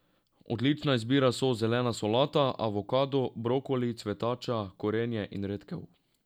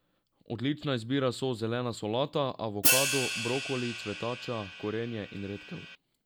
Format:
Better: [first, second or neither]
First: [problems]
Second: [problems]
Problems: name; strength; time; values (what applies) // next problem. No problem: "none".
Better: first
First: none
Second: background sound (Hi-hat); 1 dB above the speech